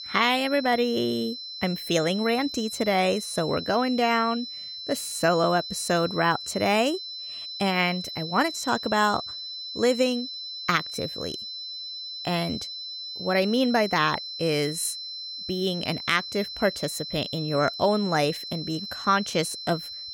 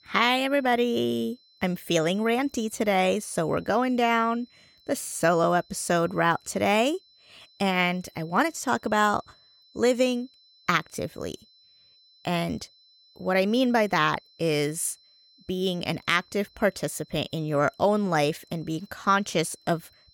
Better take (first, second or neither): second